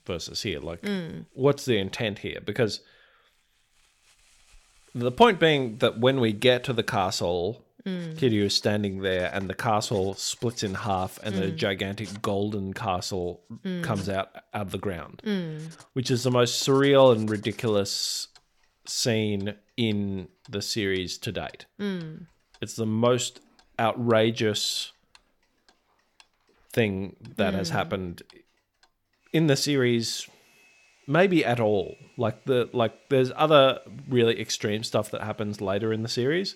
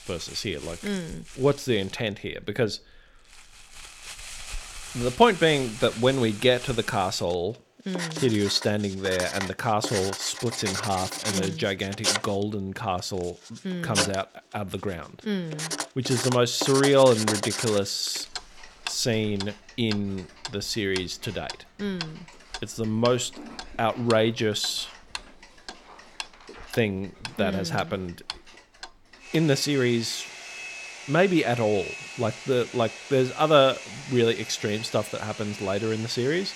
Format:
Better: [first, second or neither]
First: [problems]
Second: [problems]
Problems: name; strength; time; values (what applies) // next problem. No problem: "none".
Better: first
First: household noises; faint; throughout; 30 dB below the speech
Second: household noises; loud; throughout; 9 dB below the speech